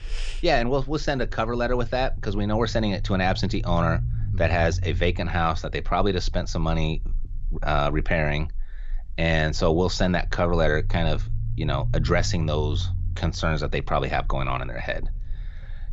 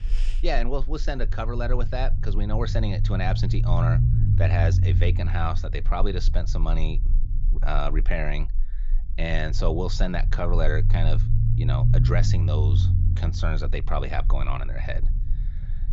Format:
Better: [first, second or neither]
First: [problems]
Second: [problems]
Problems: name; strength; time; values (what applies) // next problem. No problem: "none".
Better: first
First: low rumble; faint; throughout; 20 dB below the speech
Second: low rumble; loud; throughout; 8 dB below the speech